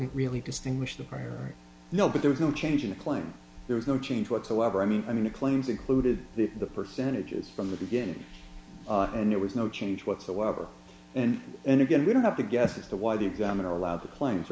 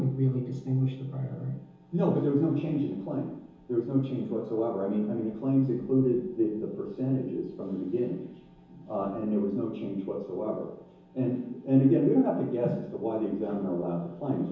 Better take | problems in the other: first | room echo; dies away in 0.7 s

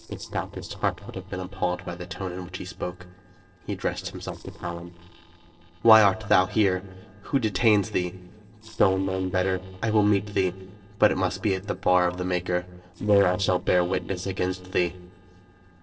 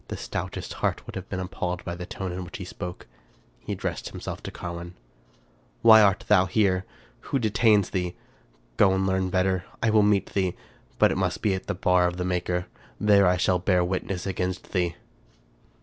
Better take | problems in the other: second | noise reduction (neural separator model SepFormer DNS4)

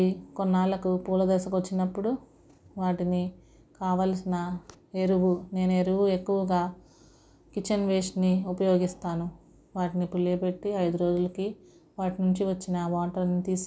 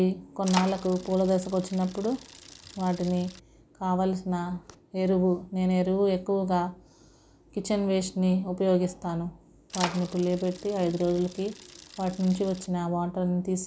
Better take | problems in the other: first | background sound (Bicycle); 13 dB below the speech

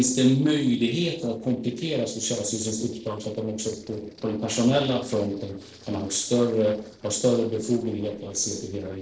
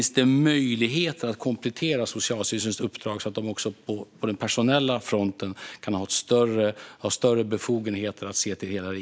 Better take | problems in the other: second | noise reduction (neural separator model SepFormer DNS4)

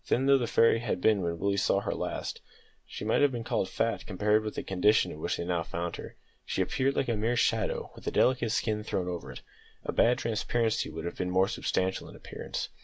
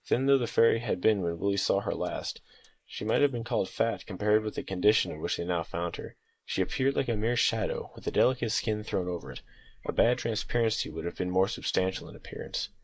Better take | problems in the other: first | noise reduction (neural mask model Resemble Enhance denoiser)

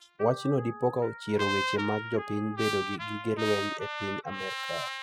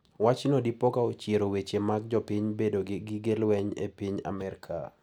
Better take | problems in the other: second | noise reduction (classical method spectral subtraction)

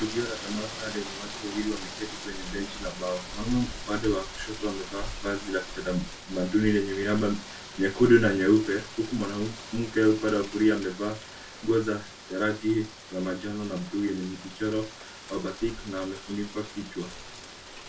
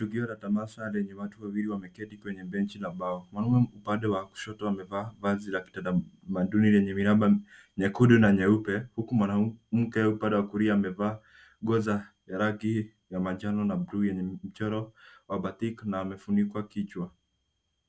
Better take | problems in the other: second | background sound (Rain); 12 dB below the speech // room echo; dies away in 0.2 s

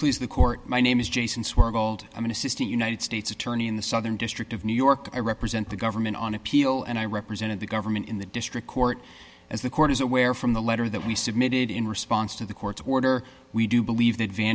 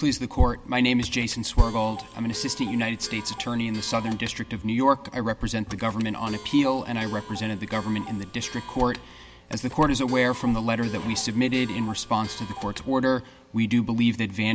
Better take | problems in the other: first | background sound (Clock); 16 dB below the speech

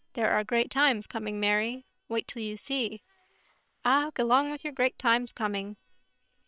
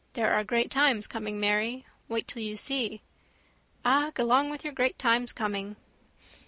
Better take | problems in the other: second | noise reduction (neural separator model SepFormer WHAM!)

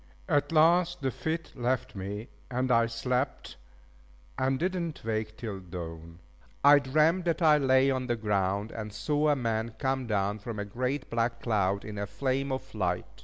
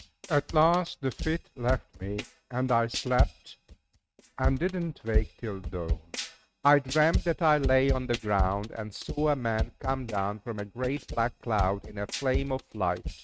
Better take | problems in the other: first | noise reduction (neural mask model RNNoise)

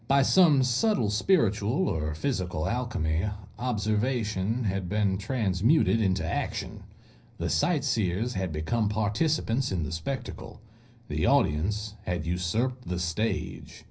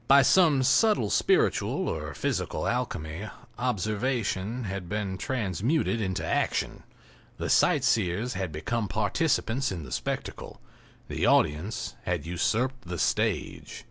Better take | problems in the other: second | room echo; dies away in 0.5 s

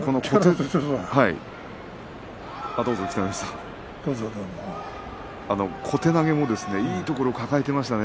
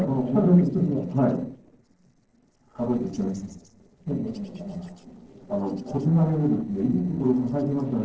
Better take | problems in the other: first | noise reduction (neural separator model SepFormer DNS4)

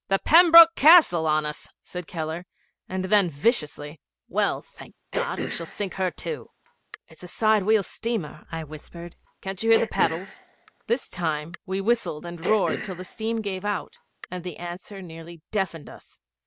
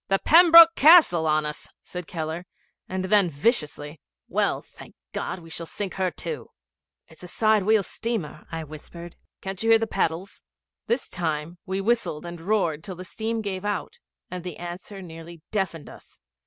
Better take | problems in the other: second | background sound (Cough); 11 dB below the speech

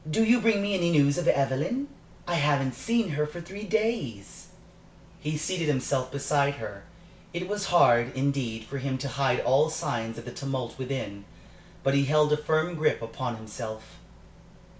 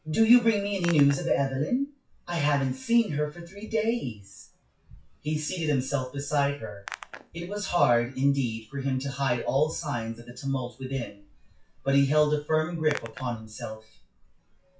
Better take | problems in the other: first | noise reduction (classical method WPE with log-MMSE)

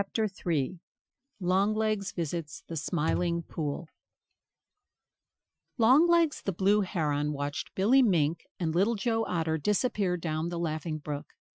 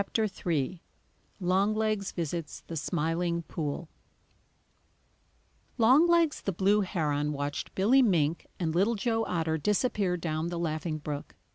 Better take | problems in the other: second | noise reduction (classical method Wiener filter)

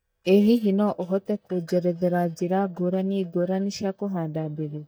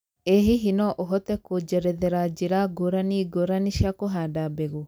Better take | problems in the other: second | noise reduction (neural mask model DeepFilterNet 3)

